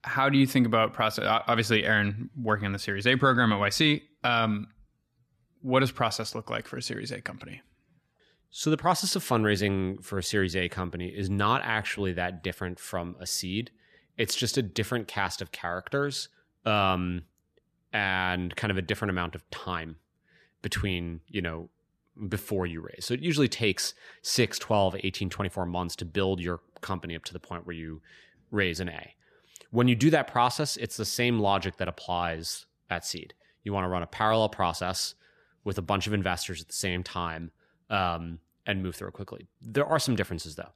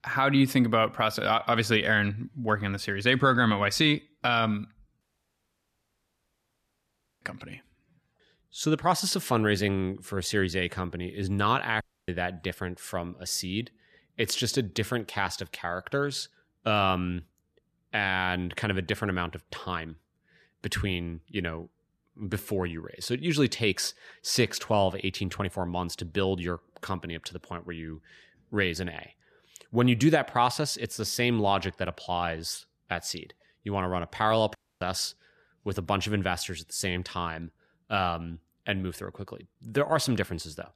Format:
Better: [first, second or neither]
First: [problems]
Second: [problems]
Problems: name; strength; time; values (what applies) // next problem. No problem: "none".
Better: first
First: none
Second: audio cutting out; at 5 s for 2 s, at 12 s and at 35 s